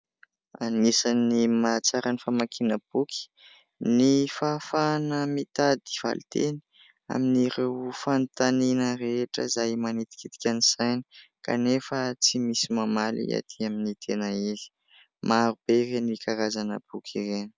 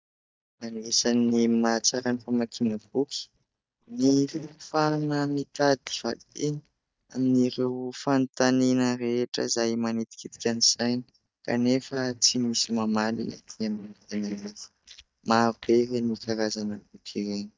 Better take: first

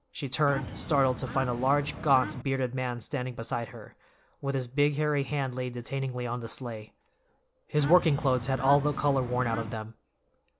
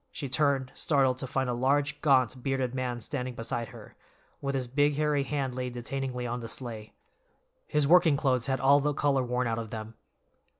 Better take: second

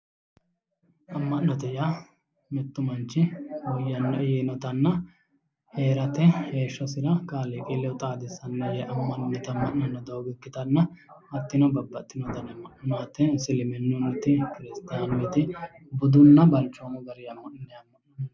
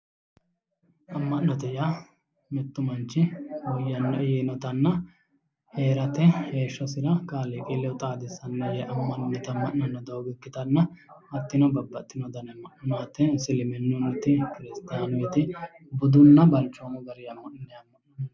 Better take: second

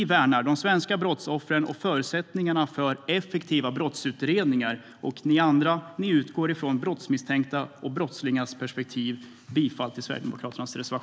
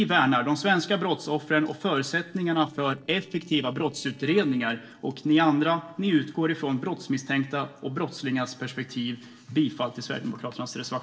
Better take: first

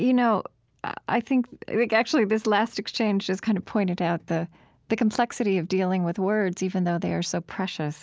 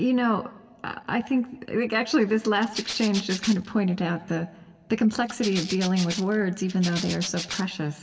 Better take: first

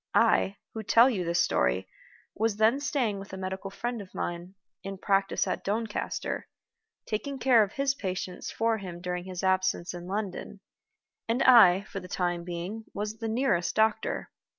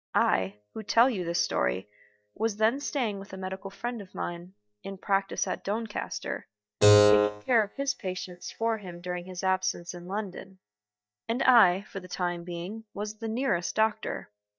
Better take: first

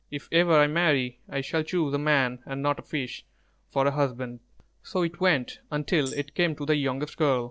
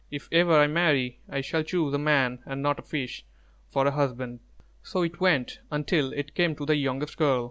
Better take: second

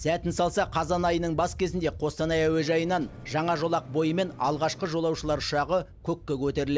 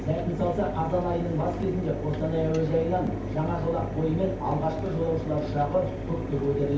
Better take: first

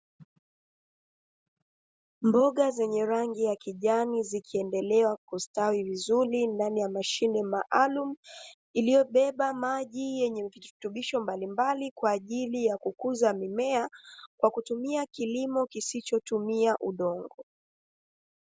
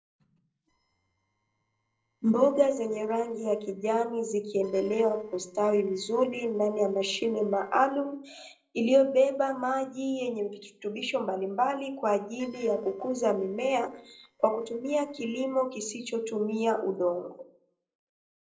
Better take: first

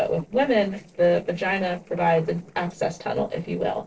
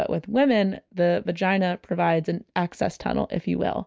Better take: second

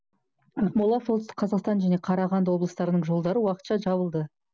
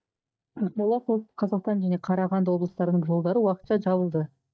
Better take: first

